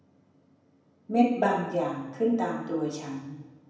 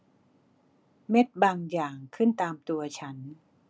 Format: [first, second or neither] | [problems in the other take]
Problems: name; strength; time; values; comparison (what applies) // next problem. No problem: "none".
second | room echo; dies away in 0.9 s